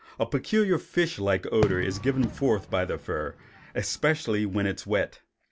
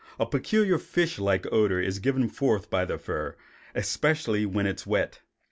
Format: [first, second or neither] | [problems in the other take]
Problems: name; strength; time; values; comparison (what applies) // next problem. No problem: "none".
second | background sound (Fireworks); 11 dB below the speech